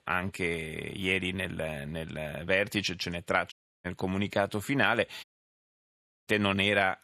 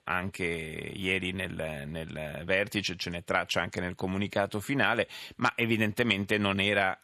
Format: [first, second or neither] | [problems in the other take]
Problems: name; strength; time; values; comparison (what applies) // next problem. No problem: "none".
second | audio cutting out; at 3.5 s and at 5 s for 1 s